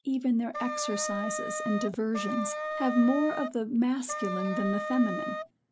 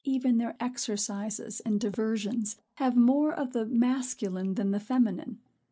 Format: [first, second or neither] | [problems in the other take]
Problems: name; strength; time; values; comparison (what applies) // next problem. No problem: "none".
second | background sound (Wind instrument, woodwind instrument); 5 dB below the speech